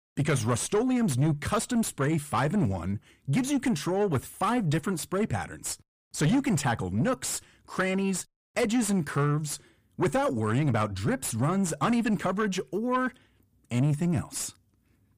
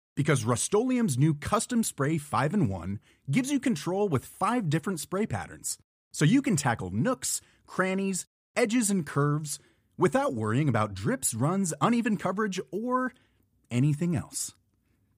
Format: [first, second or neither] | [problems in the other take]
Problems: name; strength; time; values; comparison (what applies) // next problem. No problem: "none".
second | distortion; slight; 10 dB below the speech